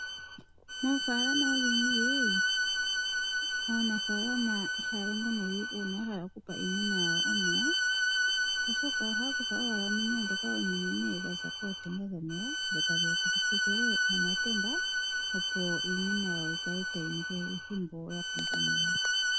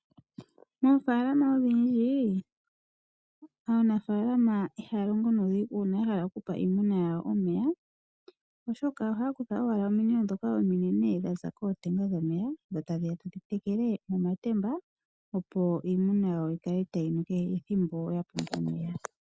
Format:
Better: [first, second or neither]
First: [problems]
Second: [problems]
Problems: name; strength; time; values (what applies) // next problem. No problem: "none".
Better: second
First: background sound (Bowed string instrument); 4 dB above the speech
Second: none